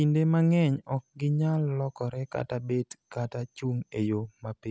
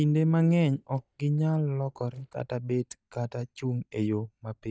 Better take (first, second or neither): first